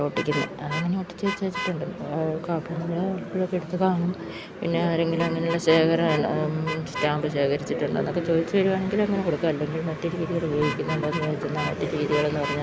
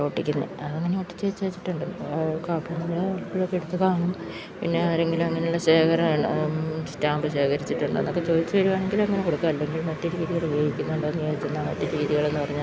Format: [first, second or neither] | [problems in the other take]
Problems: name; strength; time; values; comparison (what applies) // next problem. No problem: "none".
second | background sound (Vehicle horn, car horn, honking); 12 dB below the speech